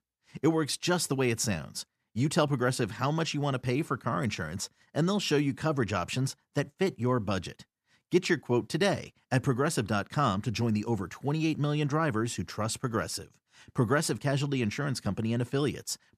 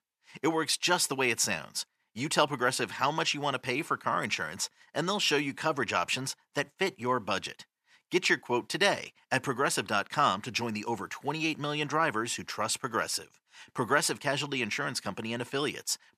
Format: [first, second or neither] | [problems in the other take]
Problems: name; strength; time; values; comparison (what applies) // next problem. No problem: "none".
first | thin; somewhat; fading below 650 Hz